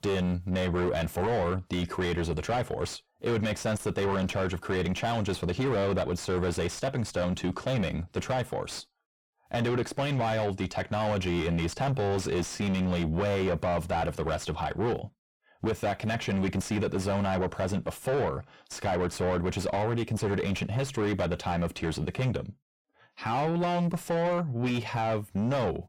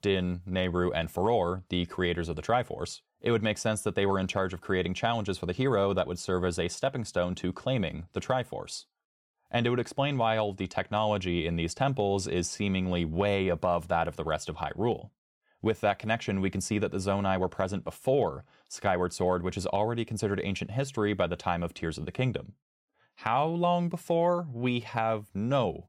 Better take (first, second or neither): second